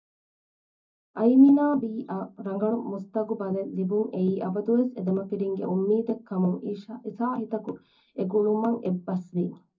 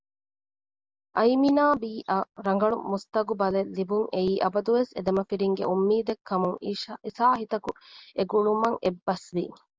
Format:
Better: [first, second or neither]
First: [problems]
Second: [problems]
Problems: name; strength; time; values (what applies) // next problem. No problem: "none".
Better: second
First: room echo; dies away in 0.3 s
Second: none